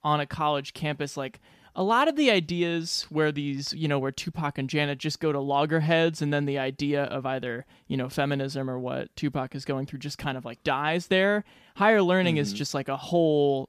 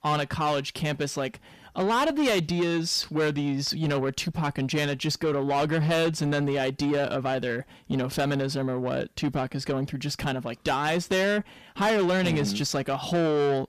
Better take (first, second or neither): first